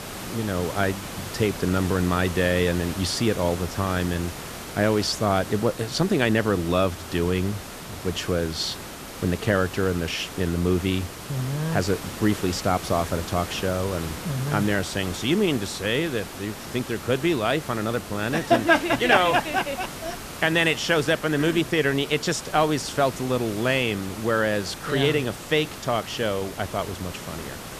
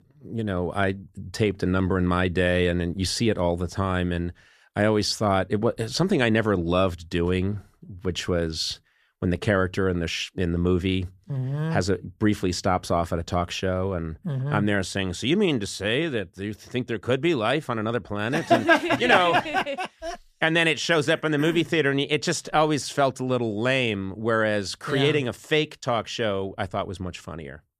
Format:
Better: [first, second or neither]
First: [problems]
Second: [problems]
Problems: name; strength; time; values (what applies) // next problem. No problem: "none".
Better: second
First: hiss; noticeable; throughout; 10 dB below the speech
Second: none